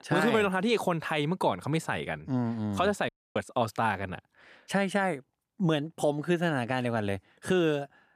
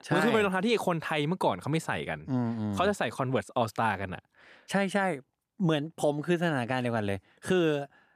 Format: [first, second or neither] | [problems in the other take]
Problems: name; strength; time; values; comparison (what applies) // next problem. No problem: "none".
second | audio cutting out; at 3 s